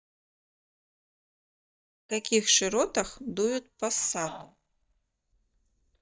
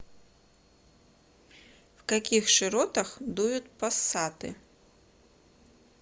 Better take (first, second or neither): second